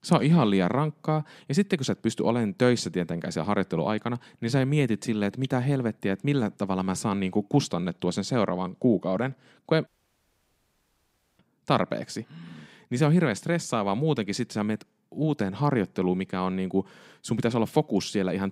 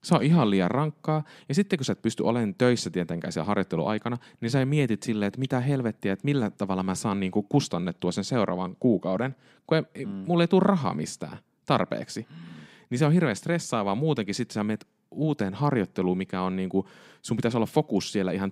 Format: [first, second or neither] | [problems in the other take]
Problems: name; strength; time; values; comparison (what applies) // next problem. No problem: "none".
second | audio cutting out; at 10 s for 1.5 s